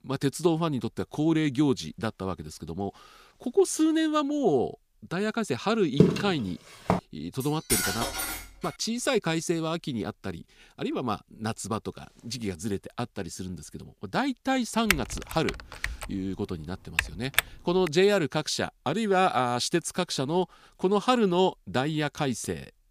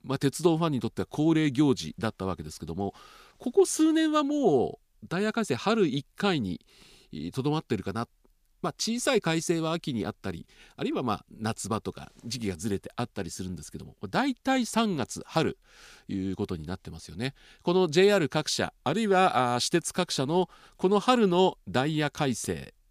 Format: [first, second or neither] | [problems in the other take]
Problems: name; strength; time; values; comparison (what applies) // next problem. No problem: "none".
second | footsteps; loud; at 6 s; peak 5 dB above the speech // clattering dishes; loud; from 7.5 to 8.5 s; peak 3 dB above the speech // keyboard typing; loud; from 15 to 18 s; peak 1 dB above the speech